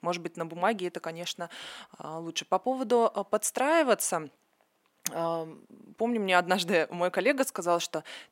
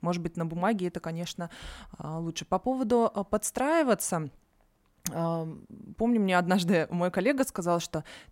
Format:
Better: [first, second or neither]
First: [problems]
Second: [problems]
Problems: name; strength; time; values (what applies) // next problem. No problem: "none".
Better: second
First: thin; somewhat; fading below 350 Hz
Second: none